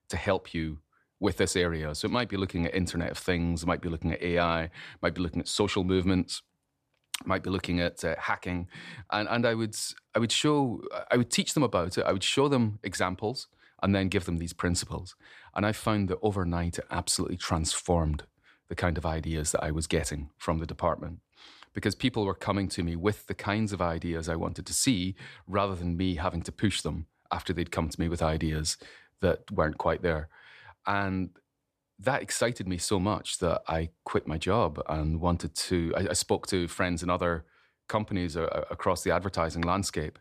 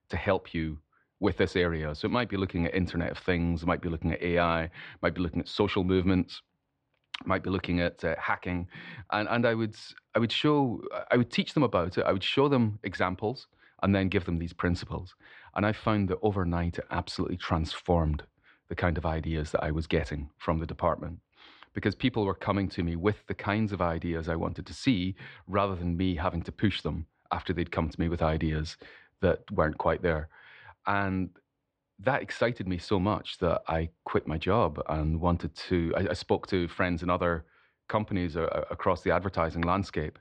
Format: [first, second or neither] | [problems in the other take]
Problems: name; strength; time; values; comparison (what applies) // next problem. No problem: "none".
first | muffled; slightly; fading above 3.5 kHz